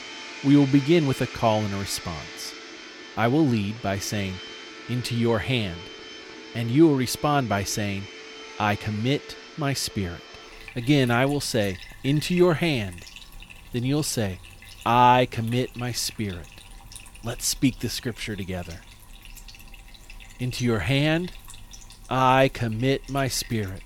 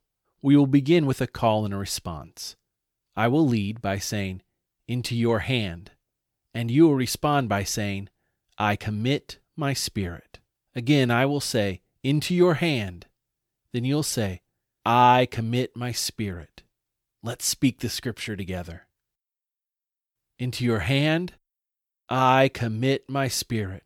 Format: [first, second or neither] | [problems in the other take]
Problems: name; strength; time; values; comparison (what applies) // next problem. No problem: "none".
second | household noises; noticeable; throughout; 15 dB below the speech